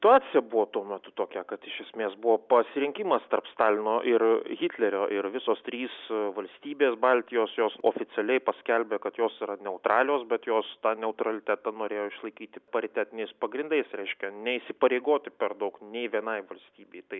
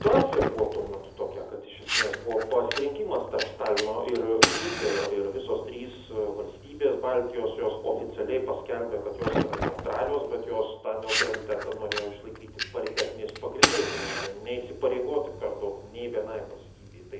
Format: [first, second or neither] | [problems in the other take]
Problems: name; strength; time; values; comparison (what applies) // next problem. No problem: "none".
first | background sound (Fire); 3 dB below the speech // room echo; dies away in 0.7 s